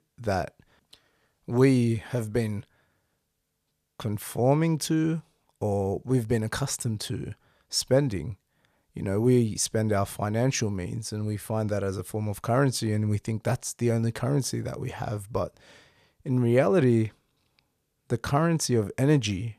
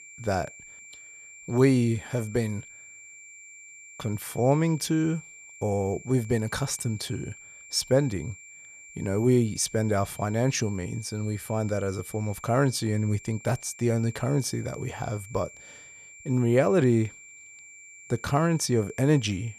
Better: first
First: none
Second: high-pitched whine; noticeable; throughout; 2.5 kHz, 20 dB below the speech

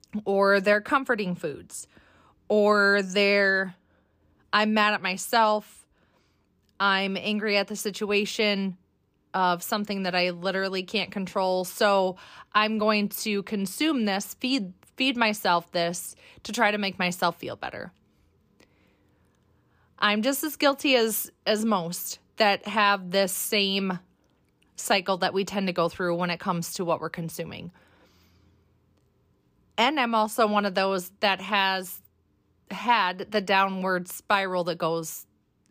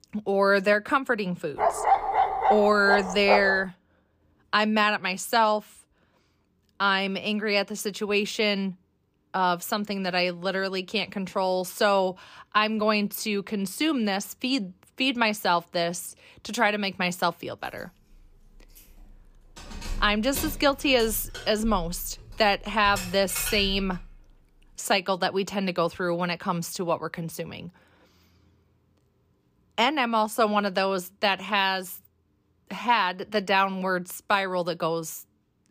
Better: first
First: none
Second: dog barking; loud; from 1.5 to 3.5 s; peak 3 dB above the speech // jangling keys; noticeable; from 19 to 24 s; peak 7 dB below the speech

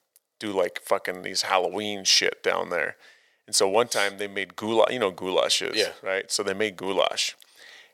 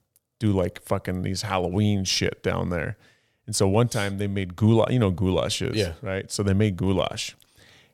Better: second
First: thin; very; fading below 550 Hz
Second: none

